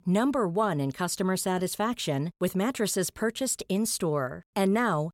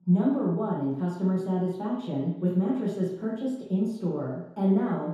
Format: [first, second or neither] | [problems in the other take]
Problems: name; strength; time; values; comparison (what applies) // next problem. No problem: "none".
first | room echo; strong; dies away in 0.8 s // off-mic speech; far